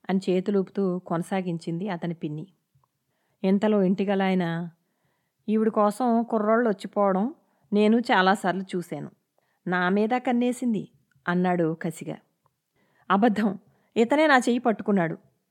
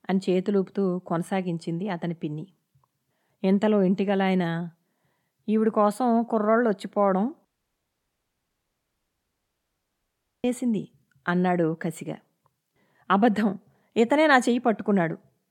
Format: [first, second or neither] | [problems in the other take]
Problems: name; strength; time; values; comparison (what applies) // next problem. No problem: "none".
first | audio cutting out; at 7.5 s for 3 s